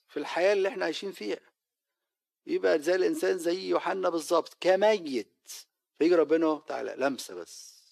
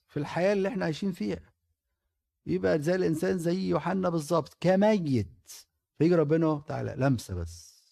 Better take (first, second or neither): second